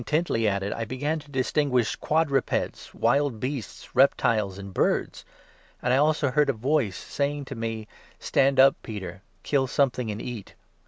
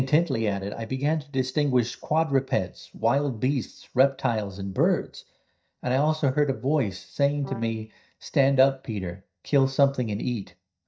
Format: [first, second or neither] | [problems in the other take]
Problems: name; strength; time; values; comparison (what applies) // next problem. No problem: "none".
first | noise reduction (neural mask model DeepFilterNet 3)